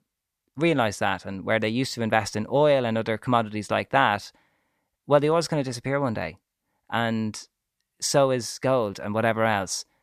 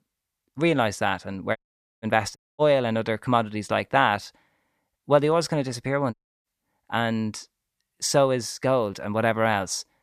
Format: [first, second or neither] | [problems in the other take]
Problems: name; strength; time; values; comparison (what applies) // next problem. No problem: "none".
first | audio cutting out; at 1.5 s, at 2.5 s and at 6 s